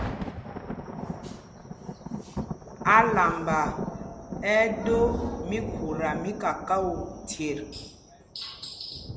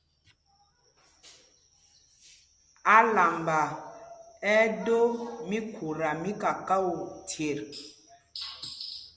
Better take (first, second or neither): second